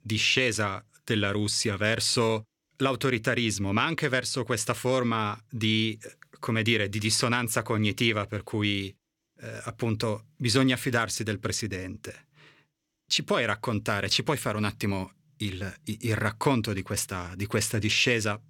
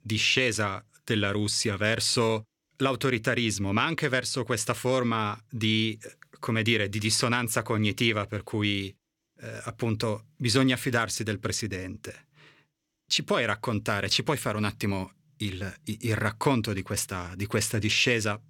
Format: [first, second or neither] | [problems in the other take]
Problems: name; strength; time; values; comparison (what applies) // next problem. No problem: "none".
neither | none